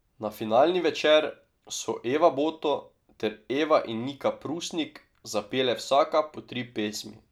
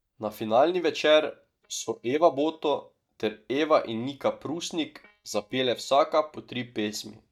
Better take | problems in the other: first | noise reduction (neural mask model DeepFilterNet 3)

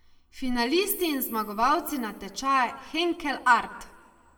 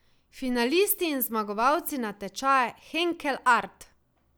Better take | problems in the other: second | room echo; dies away in 1.2 s

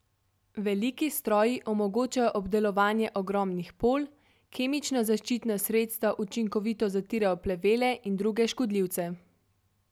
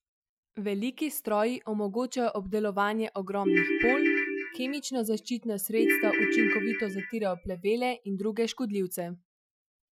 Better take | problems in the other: first | noise reduction (classical method Wiener filter)

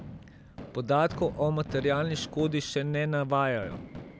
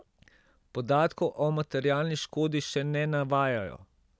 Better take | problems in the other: second | background sound (Fireworks); 13 dB below the speech

